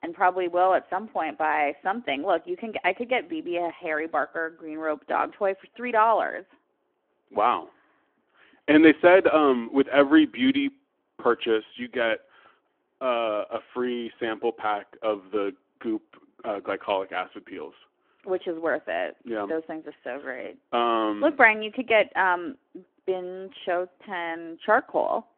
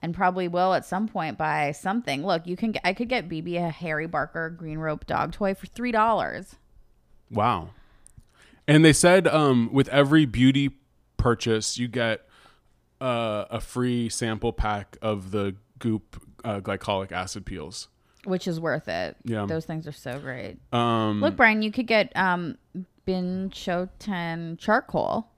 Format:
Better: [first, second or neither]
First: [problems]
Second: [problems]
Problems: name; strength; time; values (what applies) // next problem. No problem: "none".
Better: second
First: phone-call audio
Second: none